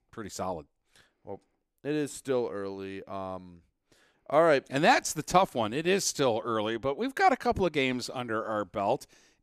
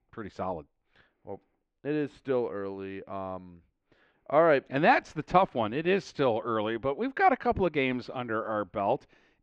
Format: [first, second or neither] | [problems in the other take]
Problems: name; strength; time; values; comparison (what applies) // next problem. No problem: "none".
first | muffled; very; fading above 3 kHz